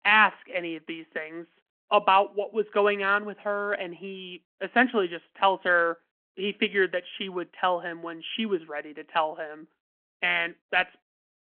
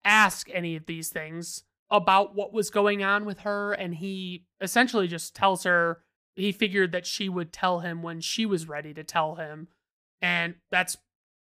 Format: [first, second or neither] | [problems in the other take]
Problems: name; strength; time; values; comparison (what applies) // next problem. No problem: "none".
second | phone-call audio